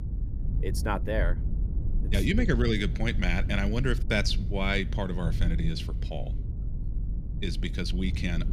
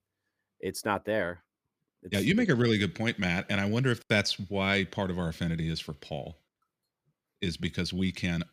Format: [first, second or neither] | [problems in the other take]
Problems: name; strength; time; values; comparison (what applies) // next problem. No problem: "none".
second | low rumble; noticeable; throughout; 15 dB below the speech